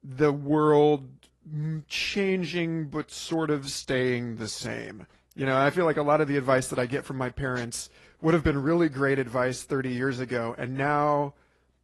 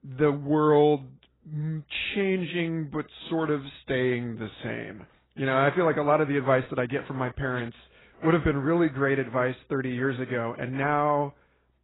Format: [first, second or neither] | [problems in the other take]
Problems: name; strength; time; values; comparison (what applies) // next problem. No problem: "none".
first | garbled, watery; badly; nothing above 4 kHz; slightly in the first